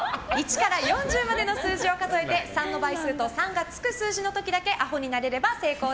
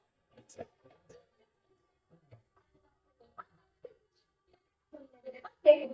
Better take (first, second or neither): first